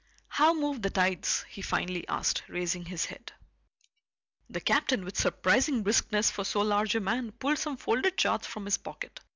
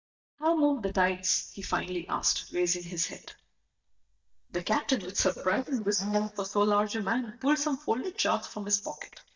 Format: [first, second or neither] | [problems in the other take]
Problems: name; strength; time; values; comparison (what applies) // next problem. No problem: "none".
first | noise reduction (neural mask model DeepFilterNet 3)